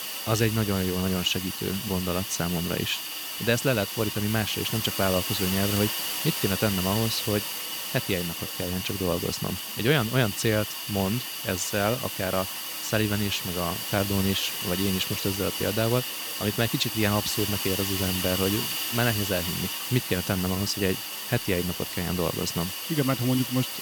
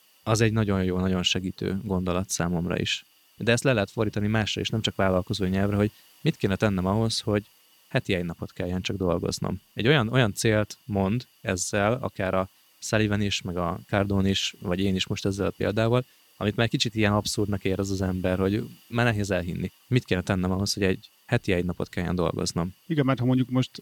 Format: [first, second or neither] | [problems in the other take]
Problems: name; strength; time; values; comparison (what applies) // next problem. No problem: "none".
second | hiss; loud; throughout; 2 dB below the speech; faint in the second